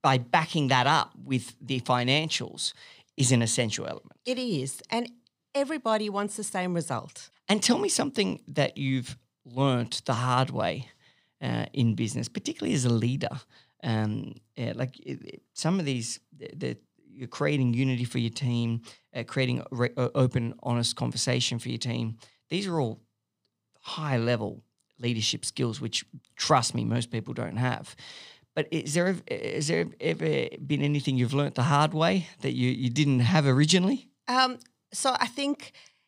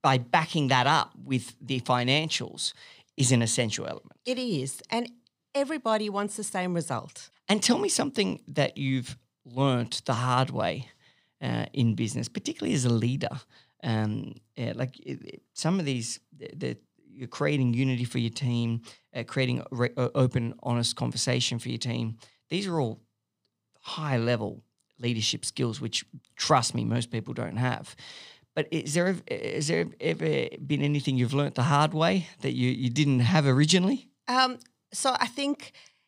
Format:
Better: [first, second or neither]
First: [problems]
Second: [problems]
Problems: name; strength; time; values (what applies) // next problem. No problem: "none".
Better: neither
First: none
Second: none